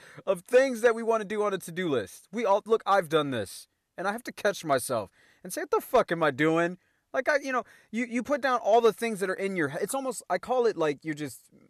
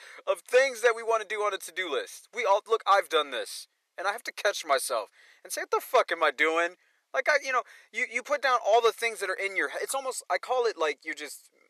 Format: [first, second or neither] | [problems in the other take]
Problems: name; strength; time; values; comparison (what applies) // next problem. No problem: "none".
first | thin; very; fading below 400 Hz